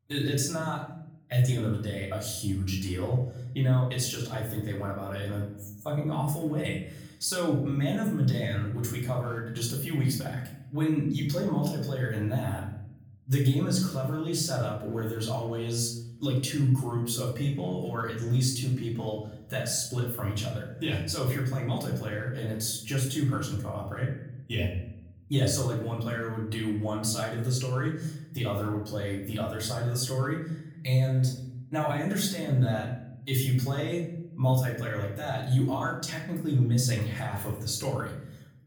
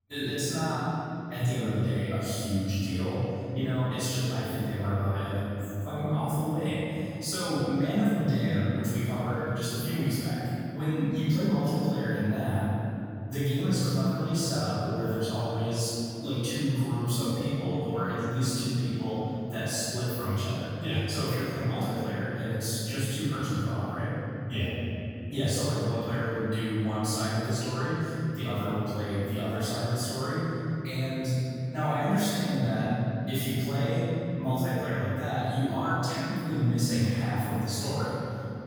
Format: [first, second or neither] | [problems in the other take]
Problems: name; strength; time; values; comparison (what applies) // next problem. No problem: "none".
first | room echo; strong; dies away in 3 s; slight in the first // off-mic speech; far; far in the first